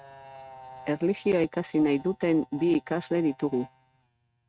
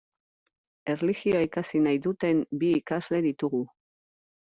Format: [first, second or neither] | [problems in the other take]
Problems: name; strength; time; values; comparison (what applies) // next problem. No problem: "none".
second | noise reduction (neural mask model RNNoise)